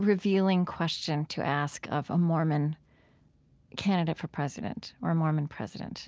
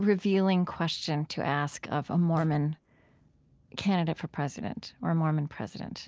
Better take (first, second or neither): first